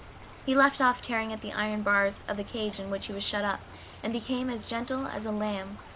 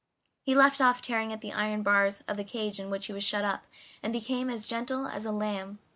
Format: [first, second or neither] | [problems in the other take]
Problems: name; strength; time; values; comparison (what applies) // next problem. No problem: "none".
second | background sound (Stream / Trickle, dribble); 17 dB below the speech